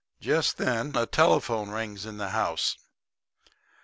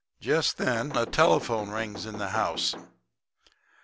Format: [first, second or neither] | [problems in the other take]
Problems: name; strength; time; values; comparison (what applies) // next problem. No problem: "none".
first | background sound (Knock / Wood); 14 dB below the speech